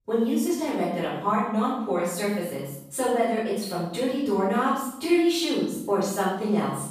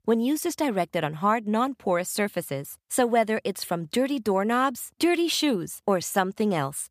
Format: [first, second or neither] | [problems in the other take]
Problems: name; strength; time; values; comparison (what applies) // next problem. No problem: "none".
second | off-mic speech; far // room echo; noticeable; dies away in 0.7 s